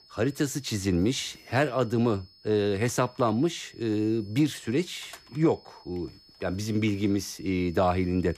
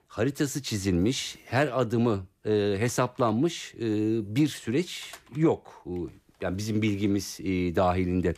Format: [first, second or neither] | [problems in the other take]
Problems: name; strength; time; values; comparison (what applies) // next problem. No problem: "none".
second | high-pitched whine; faint; throughout; 5 kHz, 25 dB below the speech